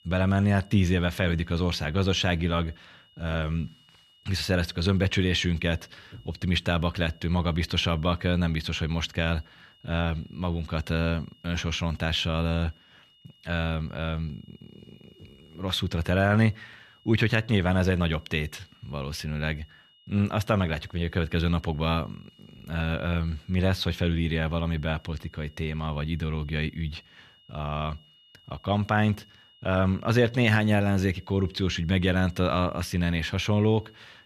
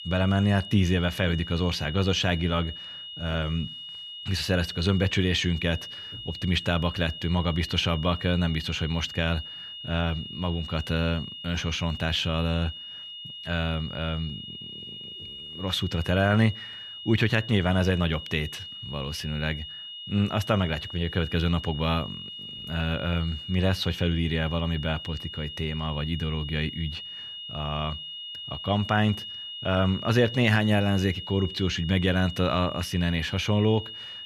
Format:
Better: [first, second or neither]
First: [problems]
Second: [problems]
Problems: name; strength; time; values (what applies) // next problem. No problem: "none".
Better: first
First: high-pitched whine; faint; throughout; 3 kHz, 30 dB below the speech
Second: high-pitched whine; loud; throughout; 3 kHz, 10 dB below the speech